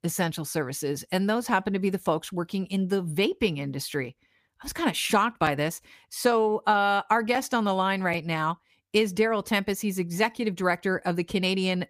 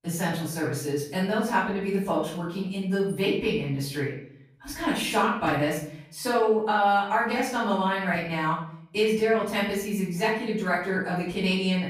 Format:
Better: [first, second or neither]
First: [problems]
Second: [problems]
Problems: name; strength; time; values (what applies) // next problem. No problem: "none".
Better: first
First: none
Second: off-mic speech; far // room echo; noticeable; dies away in 0.5 s